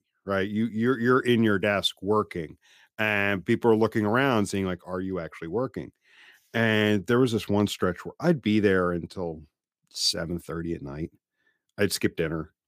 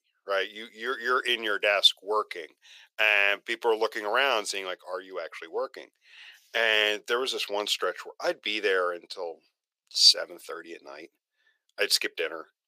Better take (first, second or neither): first